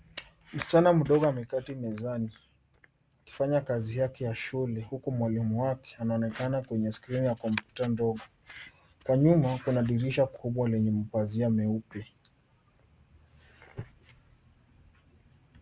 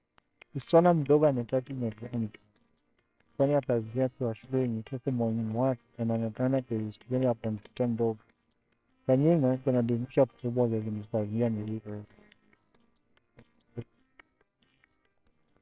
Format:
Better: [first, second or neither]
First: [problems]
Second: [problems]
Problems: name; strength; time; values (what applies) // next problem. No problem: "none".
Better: first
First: none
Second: noise reduction (neural separator model SepFormer WHAMR!)